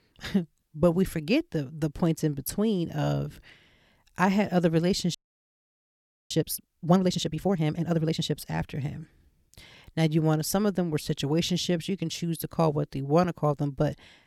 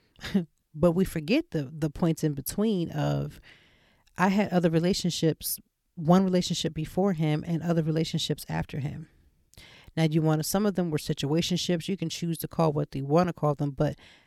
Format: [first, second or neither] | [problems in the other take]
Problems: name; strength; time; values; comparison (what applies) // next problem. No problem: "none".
second | audio freezing; at 5 s for 1 s